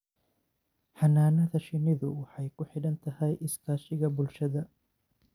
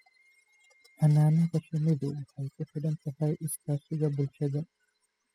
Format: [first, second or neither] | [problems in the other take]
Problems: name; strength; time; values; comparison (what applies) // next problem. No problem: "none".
first | noise reduction (classical method spectral subtraction)